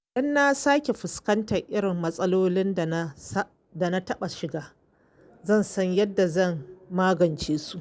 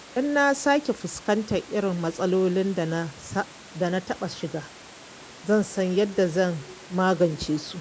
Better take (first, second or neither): first